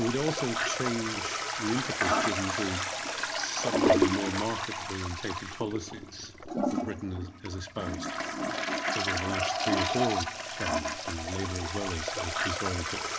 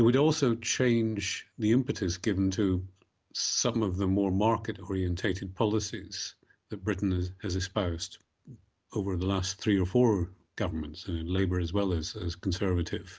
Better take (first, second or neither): second